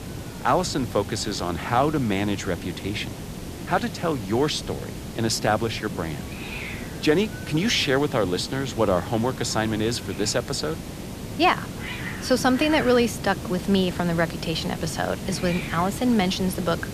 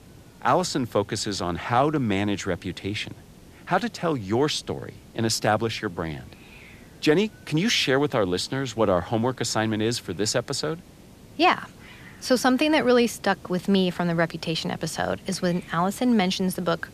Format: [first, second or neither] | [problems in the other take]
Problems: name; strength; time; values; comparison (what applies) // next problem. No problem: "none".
second | hiss; loud; throughout; 10 dB below the speech; faint in the second